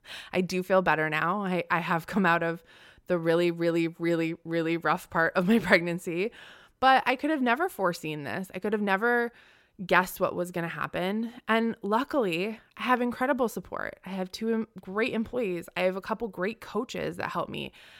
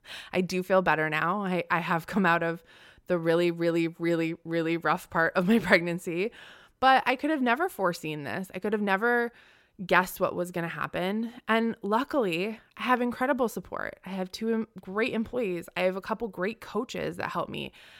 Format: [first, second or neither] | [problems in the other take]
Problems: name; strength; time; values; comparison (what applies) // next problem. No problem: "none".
neither | none